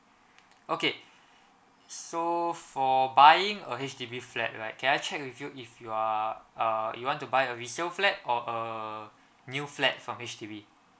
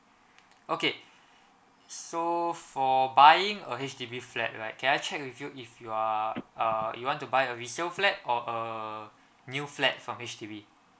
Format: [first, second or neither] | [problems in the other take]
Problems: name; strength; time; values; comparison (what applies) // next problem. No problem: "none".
first | background sound (Telephone); 19 dB below the speech